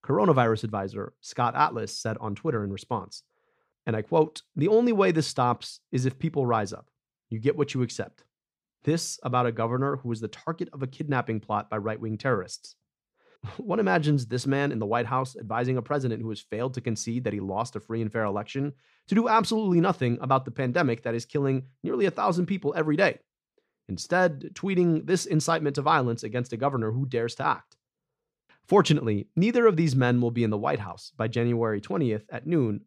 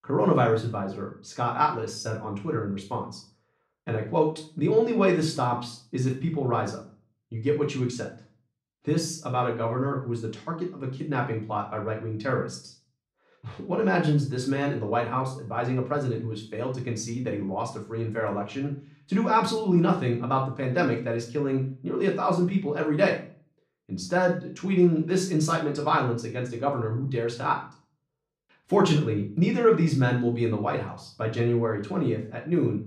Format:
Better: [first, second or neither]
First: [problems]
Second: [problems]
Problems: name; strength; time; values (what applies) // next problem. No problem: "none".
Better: first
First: none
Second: room echo; slight; dies away in 0.4 s // off-mic speech; far